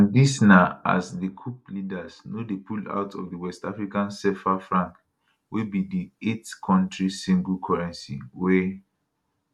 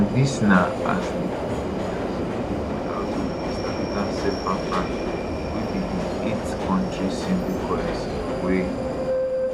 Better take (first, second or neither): first